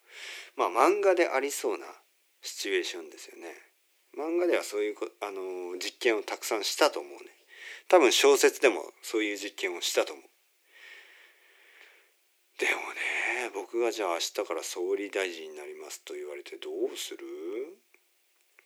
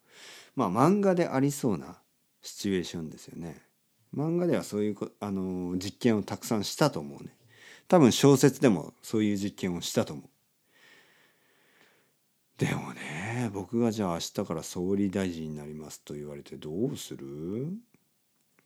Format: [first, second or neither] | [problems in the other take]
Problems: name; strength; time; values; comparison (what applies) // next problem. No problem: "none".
second | thin; very; fading below 350 Hz